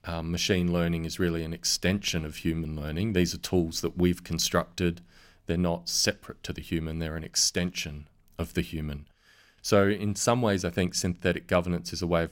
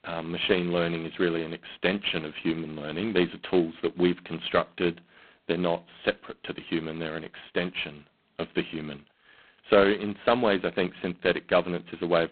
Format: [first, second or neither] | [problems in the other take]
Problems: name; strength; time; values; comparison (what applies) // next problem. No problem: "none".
first | phone-call audio; poor line; nothing above 3.5 kHz